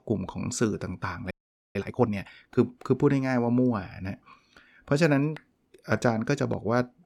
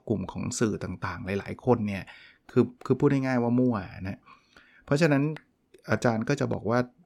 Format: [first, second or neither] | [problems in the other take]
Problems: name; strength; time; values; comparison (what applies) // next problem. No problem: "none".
second | audio freezing; at 1.5 s